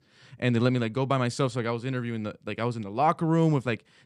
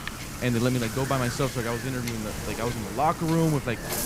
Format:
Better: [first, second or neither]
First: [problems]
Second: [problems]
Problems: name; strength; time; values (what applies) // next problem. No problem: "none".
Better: first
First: none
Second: wind noise on the microphone; heavy; 6 dB below the speech